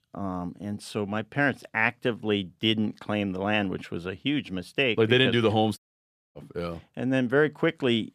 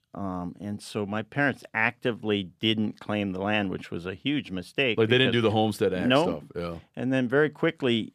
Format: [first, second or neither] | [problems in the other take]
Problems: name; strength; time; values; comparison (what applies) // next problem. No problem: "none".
second | audio cutting out; at 6 s for 0.5 s